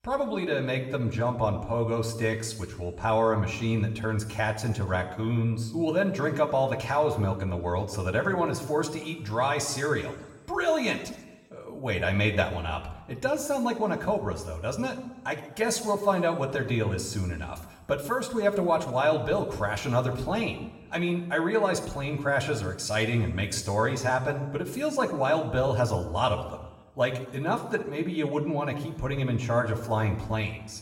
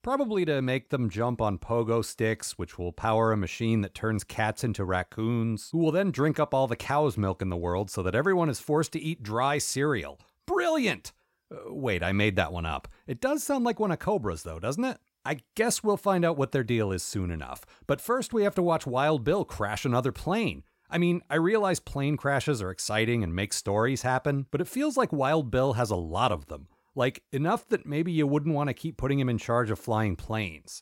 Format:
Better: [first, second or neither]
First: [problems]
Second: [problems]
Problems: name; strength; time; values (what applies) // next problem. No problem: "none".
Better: second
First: room echo; slight; dies away in 0.9 s // off-mic speech; somewhat distant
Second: none